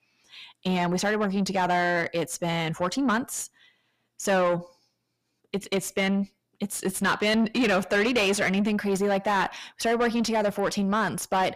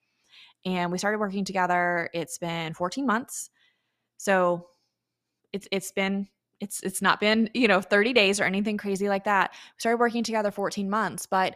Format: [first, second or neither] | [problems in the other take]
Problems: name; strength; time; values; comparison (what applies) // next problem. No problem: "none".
second | distortion; heavy; 8 dB below the speech